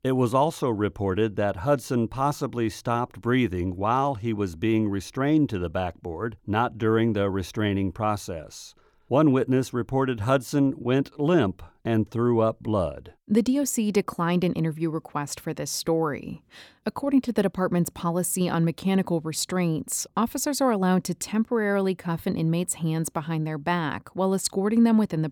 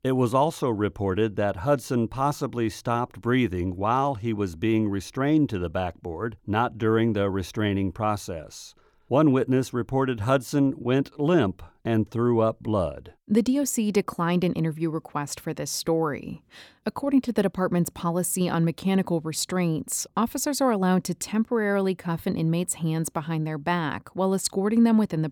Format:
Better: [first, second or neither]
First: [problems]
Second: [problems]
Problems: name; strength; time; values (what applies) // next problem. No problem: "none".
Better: neither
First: none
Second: none